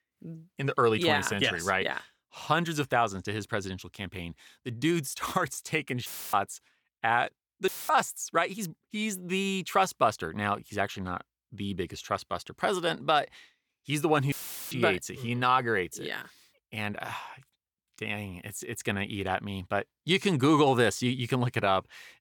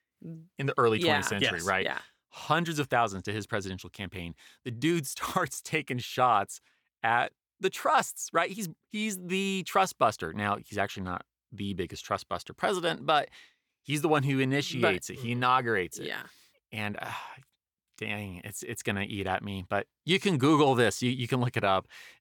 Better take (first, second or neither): second